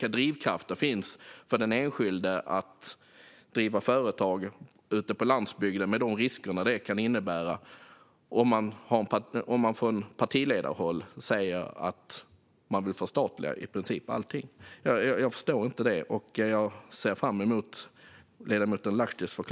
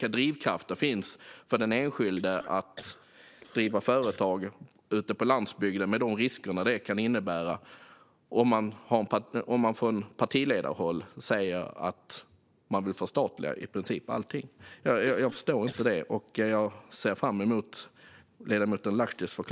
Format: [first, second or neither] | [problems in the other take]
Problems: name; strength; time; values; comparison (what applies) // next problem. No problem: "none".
first | noise reduction (neural separator model SepFormer DNS4)